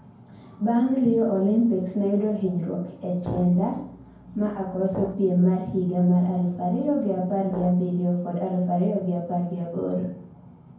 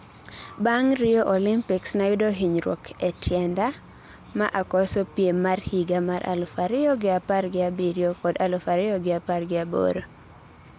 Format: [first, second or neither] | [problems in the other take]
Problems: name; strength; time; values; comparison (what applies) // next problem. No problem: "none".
second | background sound (Brass instrument); 16 dB below the speech // room echo; dies away in 0.9 s